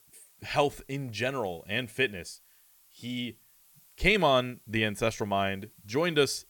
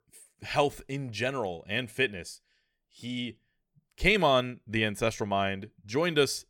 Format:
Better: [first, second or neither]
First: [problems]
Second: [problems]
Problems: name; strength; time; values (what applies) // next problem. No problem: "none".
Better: second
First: hiss; faint; throughout; 30 dB below the speech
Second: none